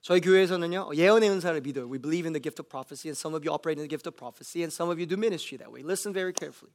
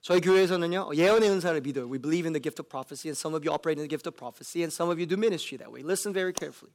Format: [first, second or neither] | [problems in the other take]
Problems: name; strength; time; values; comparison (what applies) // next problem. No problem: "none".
first | distortion; slight; 3% of the sound clipped